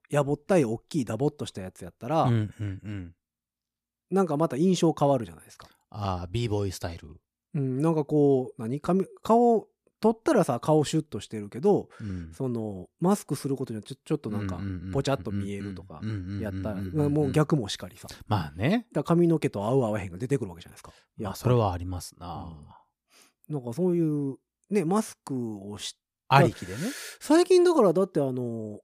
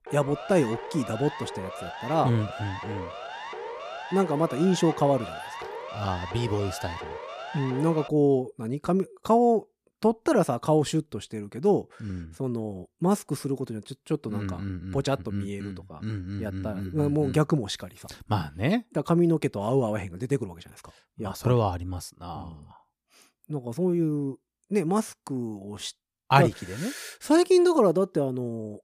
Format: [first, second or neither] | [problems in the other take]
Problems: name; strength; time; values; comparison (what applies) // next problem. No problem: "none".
first | siren; noticeable; until 8 s; peak 10 dB below the speech